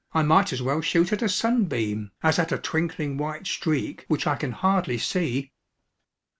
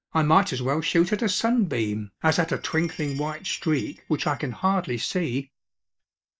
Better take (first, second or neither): first